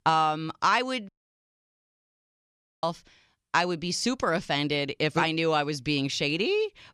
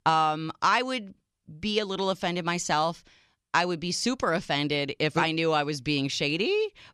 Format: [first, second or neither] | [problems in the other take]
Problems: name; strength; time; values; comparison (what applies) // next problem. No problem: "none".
second | audio cutting out; at 1 s for 1.5 s